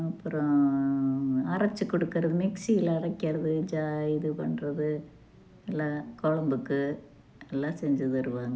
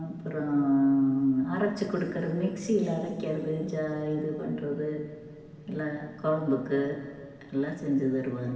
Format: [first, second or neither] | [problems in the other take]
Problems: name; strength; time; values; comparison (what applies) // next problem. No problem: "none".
first | room echo; dies away in 2.3 s